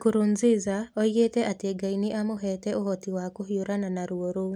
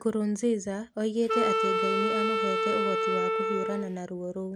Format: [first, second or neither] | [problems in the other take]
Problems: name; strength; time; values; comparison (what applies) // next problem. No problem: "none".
first | background sound (Wind instrument, woodwind instrument); 3 dB above the speech